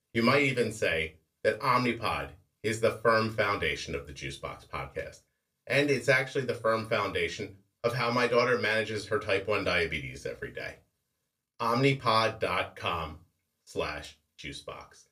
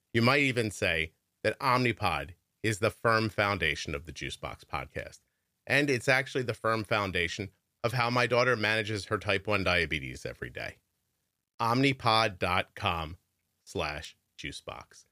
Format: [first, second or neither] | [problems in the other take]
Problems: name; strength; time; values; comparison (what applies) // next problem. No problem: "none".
second | off-mic speech; somewhat distant // room echo; very slight; dies away in 0.2 s